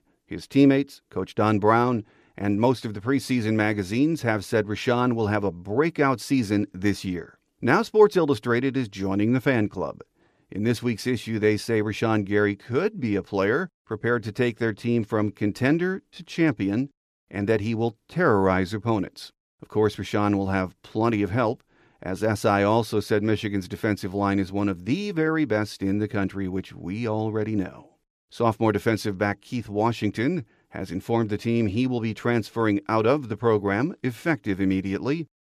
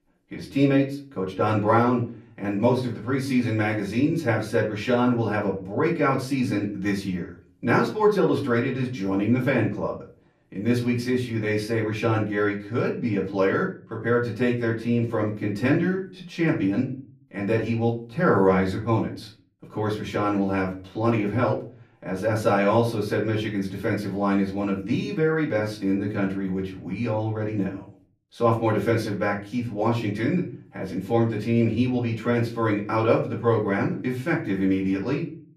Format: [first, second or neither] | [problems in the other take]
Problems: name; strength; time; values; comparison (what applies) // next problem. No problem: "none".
first | off-mic speech; far // room echo; very slight; dies away in 0.4 s